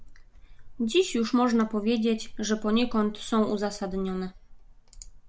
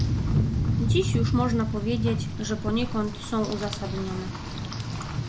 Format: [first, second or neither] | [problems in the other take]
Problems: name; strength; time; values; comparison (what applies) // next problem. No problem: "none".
first | background sound (Rain); 2 dB above the speech